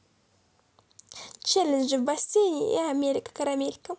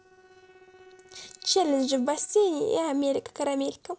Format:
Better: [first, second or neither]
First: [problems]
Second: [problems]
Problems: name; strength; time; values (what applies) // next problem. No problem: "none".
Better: first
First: none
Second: noise reduction (neural separator model SepFormer DNS4)